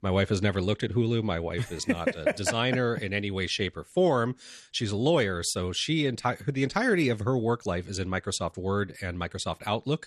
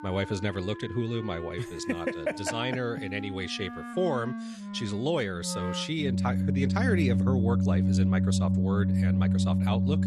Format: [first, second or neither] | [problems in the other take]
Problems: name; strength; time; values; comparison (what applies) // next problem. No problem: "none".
first | background music; very loud; throughout; 4 dB above the speech